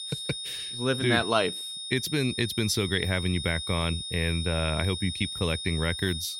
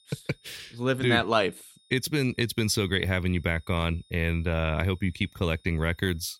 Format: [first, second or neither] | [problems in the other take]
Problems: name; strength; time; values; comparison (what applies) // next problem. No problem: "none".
second | high-pitched whine; loud; throughout; 3.5 kHz, 5 dB below the speech; faint in the second